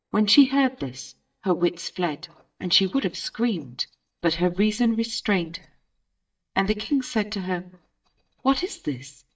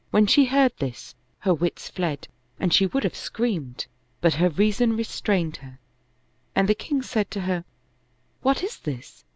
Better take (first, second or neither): second